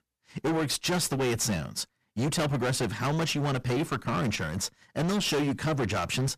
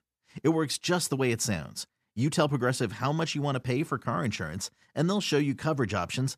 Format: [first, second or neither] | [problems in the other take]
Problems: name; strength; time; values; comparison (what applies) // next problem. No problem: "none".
second | distortion; heavy; 24% of the sound clipped